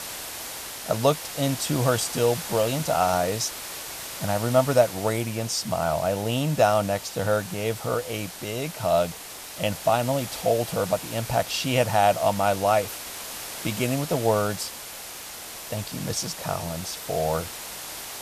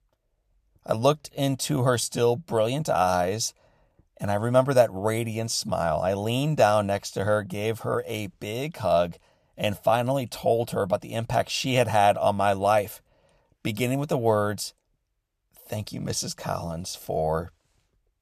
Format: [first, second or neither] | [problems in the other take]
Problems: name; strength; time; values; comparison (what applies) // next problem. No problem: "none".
second | hiss; loud; throughout; 9 dB below the speech